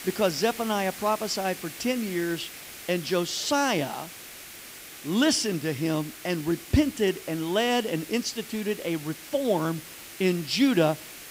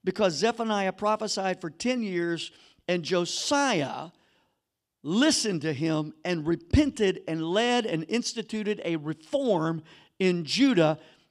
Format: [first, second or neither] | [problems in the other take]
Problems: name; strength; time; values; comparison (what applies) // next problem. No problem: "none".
second | hiss; noticeable; throughout; 15 dB below the speech